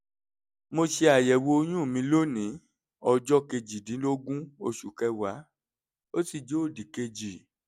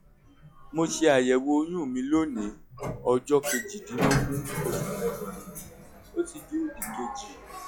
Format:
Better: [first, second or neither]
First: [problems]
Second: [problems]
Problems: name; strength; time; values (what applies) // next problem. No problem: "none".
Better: first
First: none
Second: noise reduction (classical method log-MMSE)